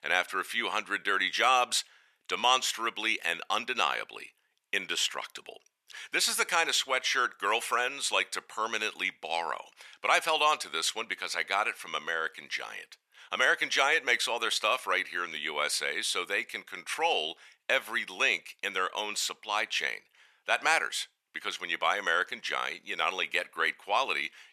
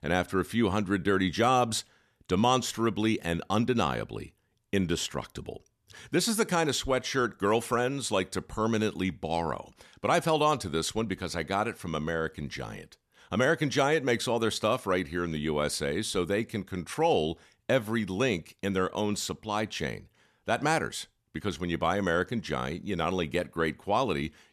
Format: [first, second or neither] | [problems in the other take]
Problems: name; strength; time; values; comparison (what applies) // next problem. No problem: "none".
second | thin; very; fading below 800 Hz